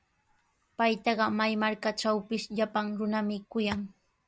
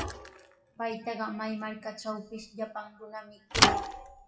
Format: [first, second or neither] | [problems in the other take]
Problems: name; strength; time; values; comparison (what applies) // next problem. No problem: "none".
first | noise reduction (classical method WPE with log-MMSE)